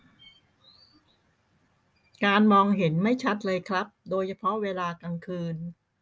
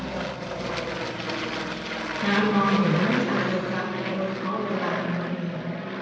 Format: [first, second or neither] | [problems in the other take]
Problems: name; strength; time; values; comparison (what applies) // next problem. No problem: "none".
first | background sound (Aircraft); 1 dB below the speech // room echo; dies away in 1.1 s